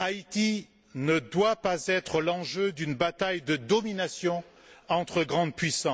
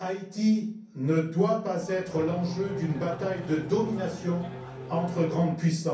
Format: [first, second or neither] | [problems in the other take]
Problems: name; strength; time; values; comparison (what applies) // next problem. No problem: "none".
first | background sound (Race car, auto racing / Engine starting); 12 dB below the speech // room echo; dies away in 0.6 s